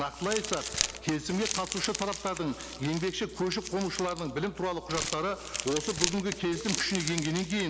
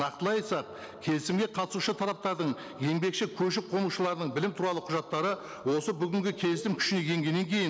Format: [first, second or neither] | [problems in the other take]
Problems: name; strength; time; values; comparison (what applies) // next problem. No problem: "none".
second | background sound (Crumpling, crinkling); 5 dB below the speech